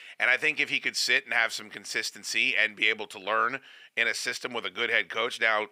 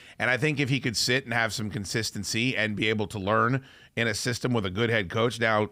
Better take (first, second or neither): second